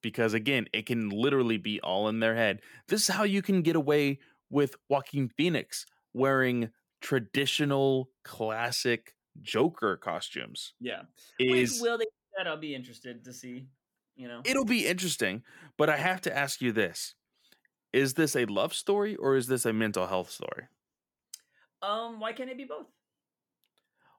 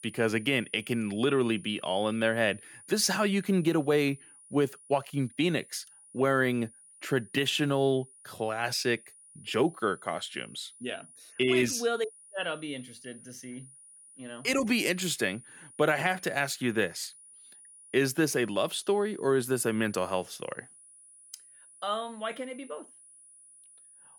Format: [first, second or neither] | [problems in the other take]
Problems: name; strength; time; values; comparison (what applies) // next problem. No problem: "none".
first | high-pitched whine; faint; throughout; 9.5 kHz, 20 dB below the speech